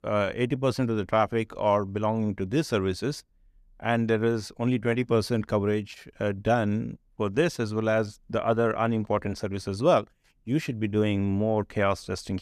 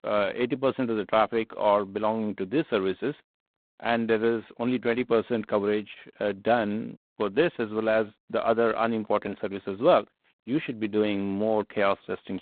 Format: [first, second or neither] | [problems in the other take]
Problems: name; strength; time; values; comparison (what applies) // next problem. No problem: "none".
first | phone-call audio; poor line; nothing above 4 kHz